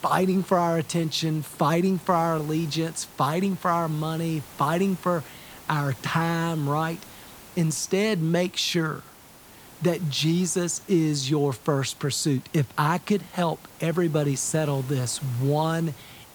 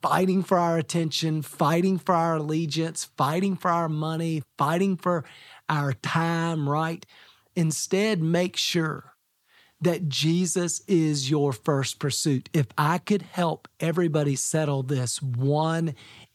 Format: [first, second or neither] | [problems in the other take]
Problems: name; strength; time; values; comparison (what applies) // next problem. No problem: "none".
second | hiss; noticeable; throughout; 20 dB below the speech